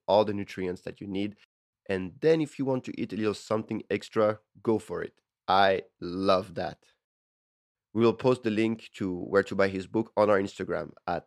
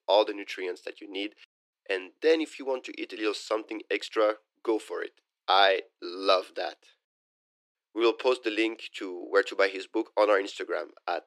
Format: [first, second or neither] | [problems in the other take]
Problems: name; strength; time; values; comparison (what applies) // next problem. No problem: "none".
first | thin; very; fading below 300 Hz